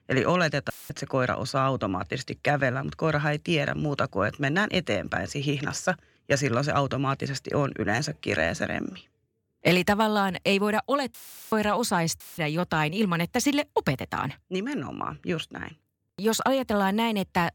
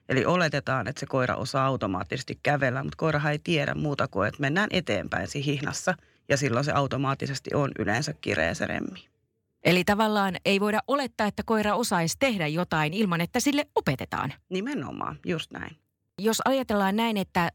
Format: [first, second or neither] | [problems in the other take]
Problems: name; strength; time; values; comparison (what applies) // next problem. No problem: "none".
second | audio cutting out; filled with static; at 0.5 s, at 11 s and at 12 s